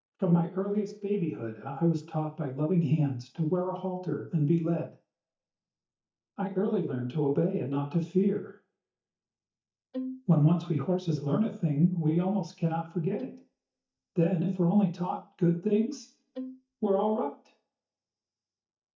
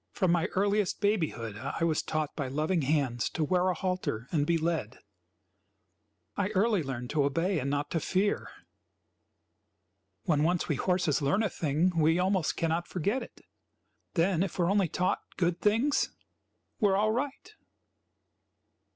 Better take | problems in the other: second | noise reduction (neural mask model DeepFilterNet 3)

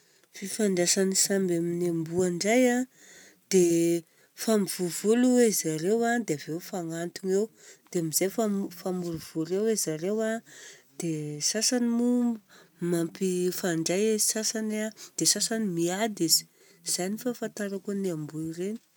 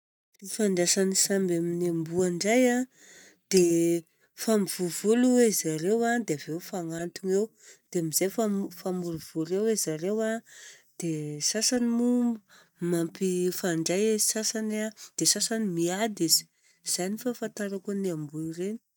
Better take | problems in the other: first | noise reduction (neural mask model DeepFilterNet 3)

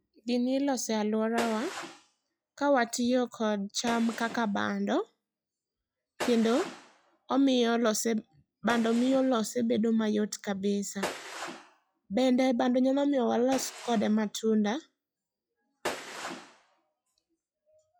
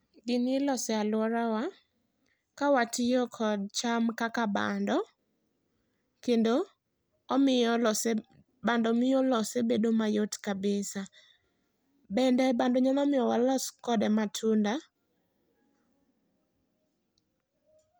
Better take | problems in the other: second | noise reduction (classical method log-MMSE)

